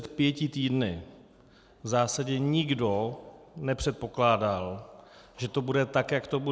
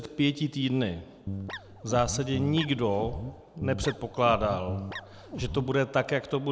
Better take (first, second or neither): first